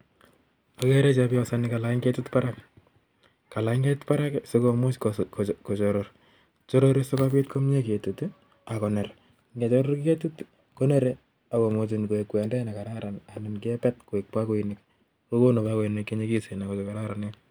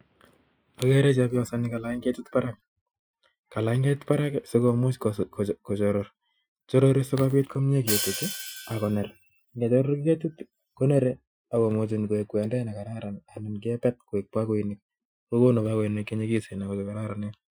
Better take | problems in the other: first | noise reduction (classical method Wiener filter)

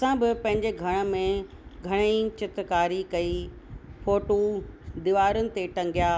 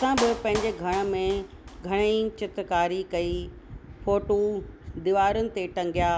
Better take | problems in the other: first | background sound (Clapping); 15 dB below the speech

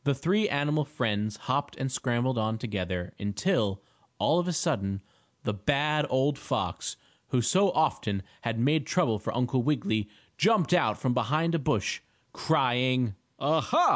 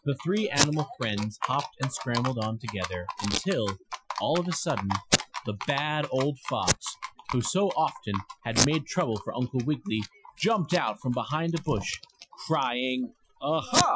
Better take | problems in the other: first | noise reduction (classical method Wiener filter)

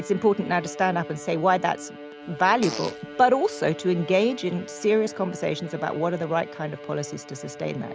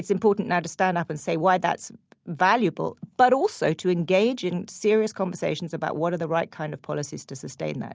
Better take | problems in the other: second | background sound (Fart + Bowed string instrument); 13 dB below the speech

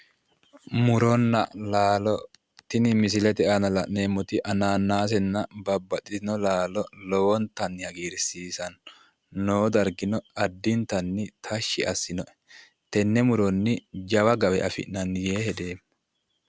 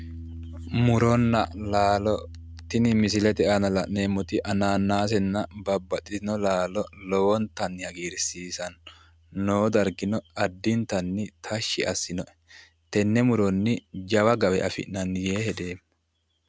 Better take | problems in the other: first | background sound (Piano); 20 dB below the speech

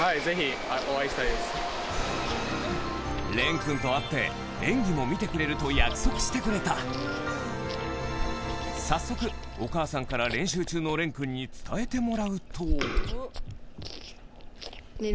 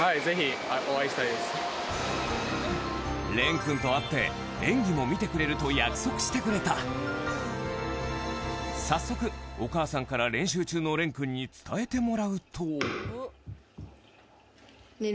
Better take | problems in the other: second | background sound (Chewing, mastication); 4 dB below the speech

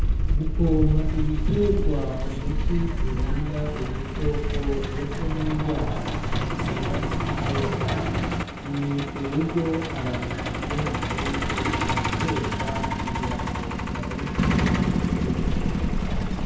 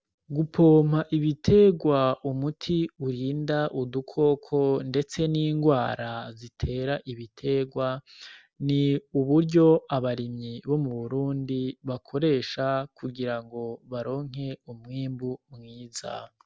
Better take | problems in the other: second | background sound (Truck); 5 dB above the speech // room echo; dies away in 1 s

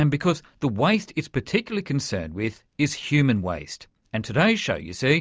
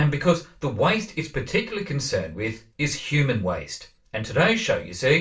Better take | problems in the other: first | room echo; dies away in 0.3 s

